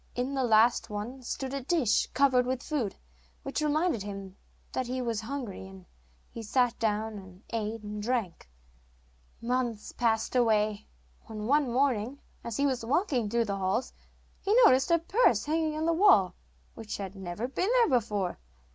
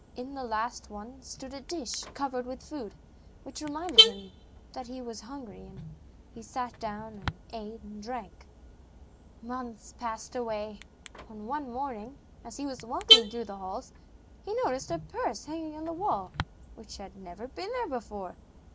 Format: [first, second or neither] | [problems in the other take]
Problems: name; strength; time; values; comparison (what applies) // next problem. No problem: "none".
first | background sound (Alarm / Car); 3 dB above the speech